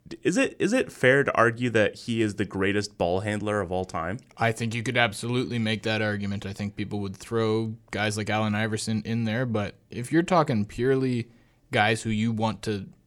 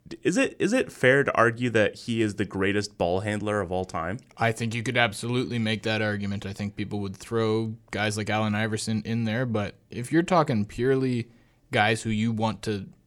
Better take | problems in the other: neither | none

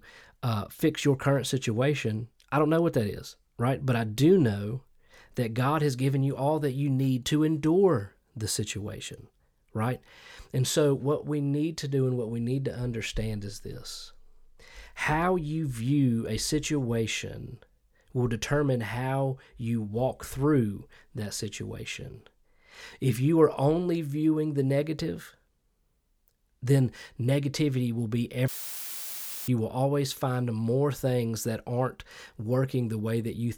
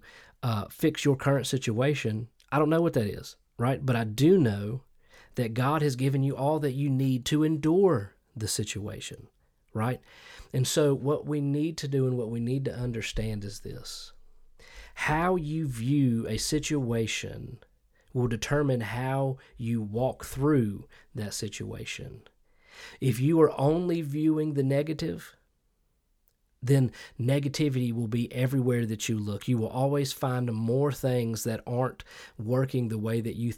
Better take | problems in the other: second | audio cutting out; filled with static; at 28 s for 1 s

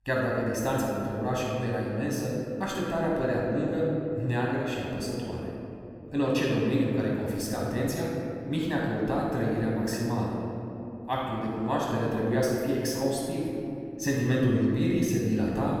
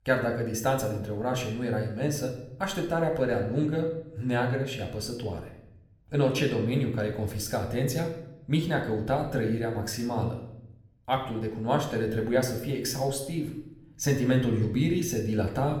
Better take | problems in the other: second | room echo; strong; dies away in 2.7 s; slight in the second // off-mic speech; far

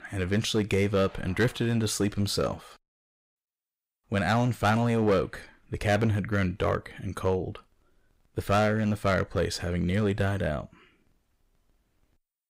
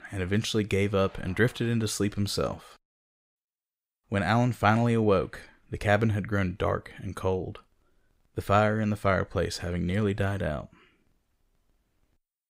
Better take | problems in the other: second | distortion; slight; 4% of the sound clipped

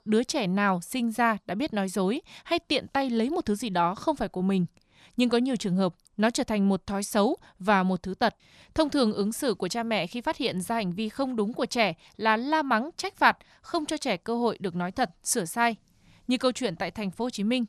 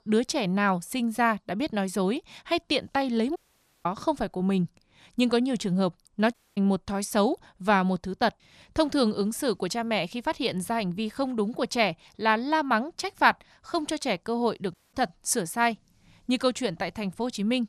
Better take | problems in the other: first | audio cutting out; at 3.5 s, at 6.5 s and at 15 s

